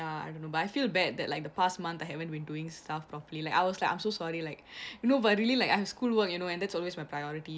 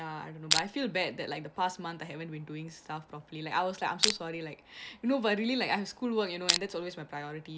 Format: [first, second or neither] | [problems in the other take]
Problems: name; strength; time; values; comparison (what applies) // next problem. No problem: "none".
first | background sound (Crushing); 4 dB above the speech